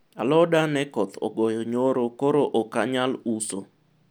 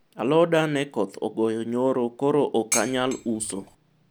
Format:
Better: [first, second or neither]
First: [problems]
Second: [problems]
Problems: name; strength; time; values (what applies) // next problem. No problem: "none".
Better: first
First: none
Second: background sound (Dishes, pots, and pans); 8 dB below the speech